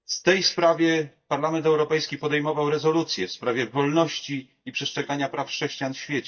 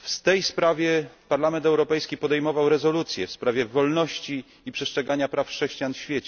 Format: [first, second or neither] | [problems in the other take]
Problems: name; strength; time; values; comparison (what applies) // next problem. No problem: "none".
second | noise reduction (neural mask model DeepFilterNet 3)